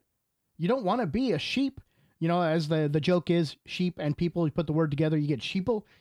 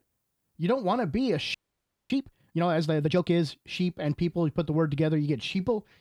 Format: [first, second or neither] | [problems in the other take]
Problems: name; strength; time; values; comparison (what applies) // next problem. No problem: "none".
first | audio freezing; at 1.5 s for 0.5 s